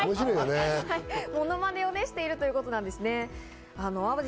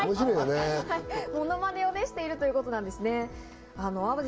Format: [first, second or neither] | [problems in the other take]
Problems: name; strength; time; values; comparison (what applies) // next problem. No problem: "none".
first | room echo; dies away in 0.3 s